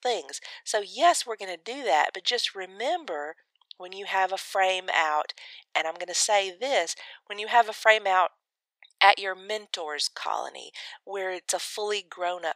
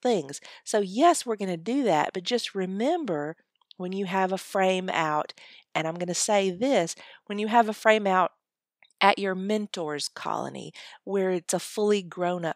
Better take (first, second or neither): second